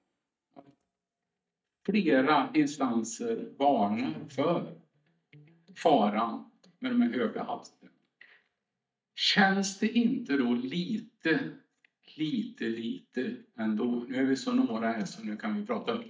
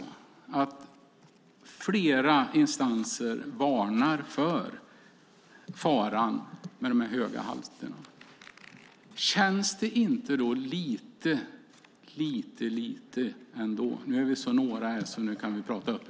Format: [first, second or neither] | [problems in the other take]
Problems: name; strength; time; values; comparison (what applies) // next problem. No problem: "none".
second | noise reduction (neural mask model DeepFilterNet 3)